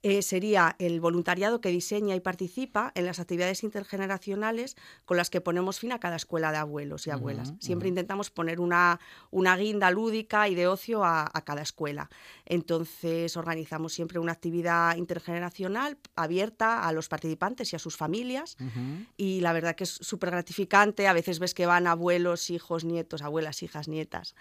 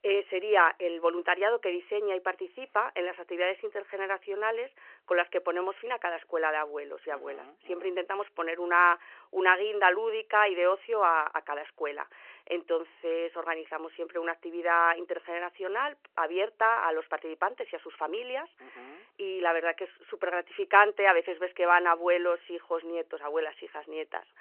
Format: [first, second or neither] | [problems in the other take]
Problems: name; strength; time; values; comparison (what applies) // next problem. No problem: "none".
first | phone-call audio